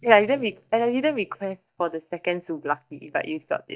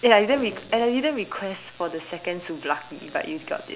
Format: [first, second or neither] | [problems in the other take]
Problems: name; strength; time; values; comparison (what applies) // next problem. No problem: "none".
second | noise reduction (neural mask model DeepFilterNet 3)